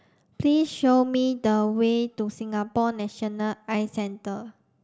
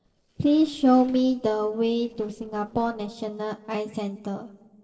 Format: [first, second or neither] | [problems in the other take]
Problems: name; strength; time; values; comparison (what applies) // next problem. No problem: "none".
first | noise reduction (neural separator model SepFormer DNS4)